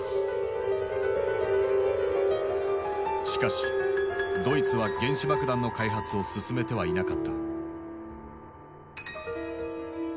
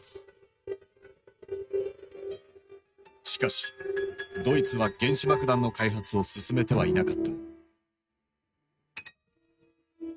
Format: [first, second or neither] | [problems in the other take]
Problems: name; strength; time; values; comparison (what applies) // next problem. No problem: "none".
first | noise reduction (neural mask model RNNoise)